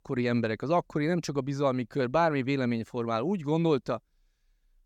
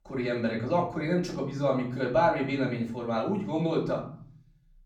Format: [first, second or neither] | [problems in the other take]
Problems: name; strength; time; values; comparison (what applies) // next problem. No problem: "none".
first | off-mic speech; far // room echo; slight; dies away in 0.6 s